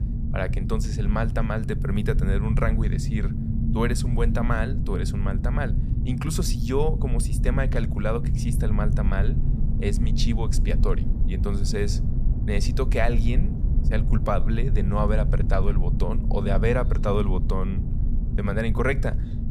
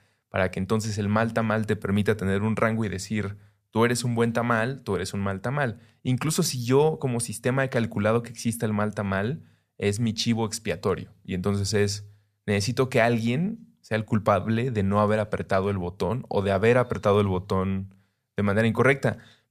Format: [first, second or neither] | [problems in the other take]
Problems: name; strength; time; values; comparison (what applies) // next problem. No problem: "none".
second | low rumble; loud; throughout; 8 dB below the speech